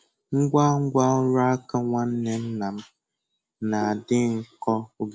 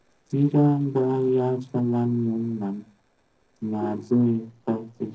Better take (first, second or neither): first